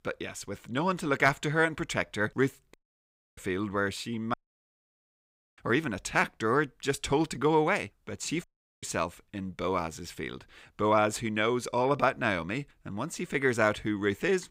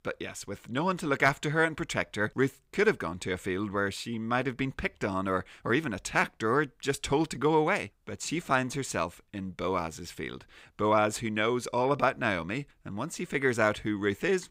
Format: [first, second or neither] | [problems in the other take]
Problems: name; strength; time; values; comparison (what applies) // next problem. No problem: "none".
second | audio cutting out; at 2.5 s for 0.5 s, at 4.5 s for 1 s and at 8.5 s